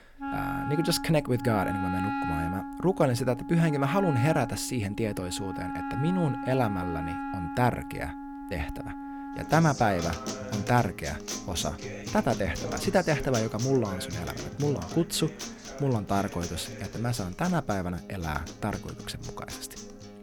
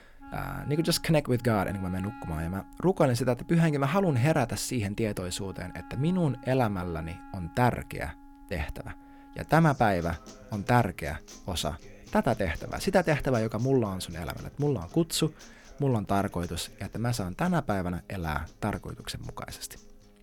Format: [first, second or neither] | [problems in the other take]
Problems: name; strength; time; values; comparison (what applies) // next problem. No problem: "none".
second | background music; loud; throughout; 7 dB below the speech; faint in the second